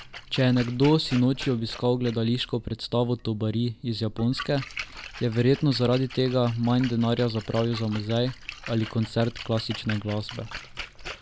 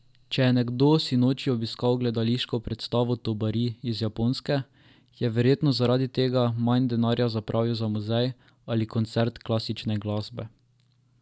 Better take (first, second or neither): second